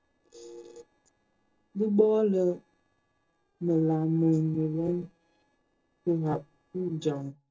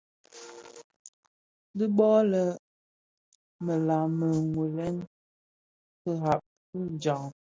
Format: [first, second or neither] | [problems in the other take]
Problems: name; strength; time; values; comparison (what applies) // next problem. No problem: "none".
second | noise reduction (neural separator model SepFormer DNS4)